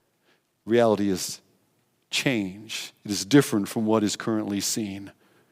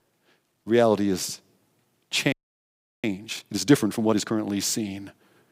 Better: first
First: none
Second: audio freezing; at 2.5 s for 0.5 s

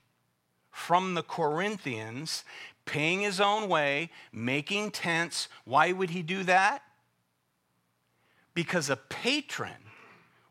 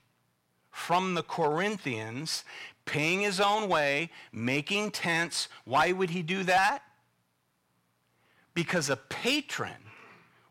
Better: first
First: none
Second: distortion; slight; 1.7% of the sound clipped

